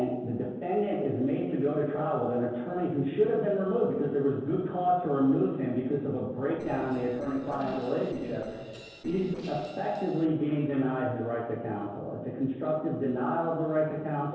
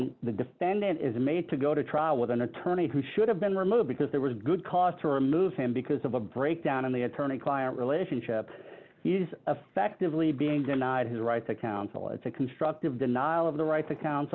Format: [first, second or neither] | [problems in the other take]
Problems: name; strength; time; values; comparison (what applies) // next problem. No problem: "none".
second | noise reduction (neural separator model SepFormer DNS4)